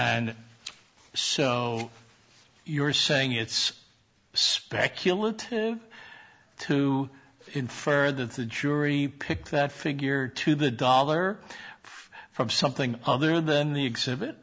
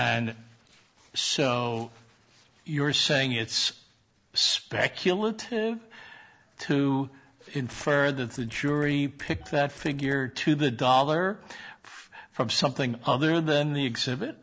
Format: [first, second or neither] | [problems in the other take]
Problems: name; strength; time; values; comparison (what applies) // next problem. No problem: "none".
first | noise reduction (neural separator model SepFormer DNS4)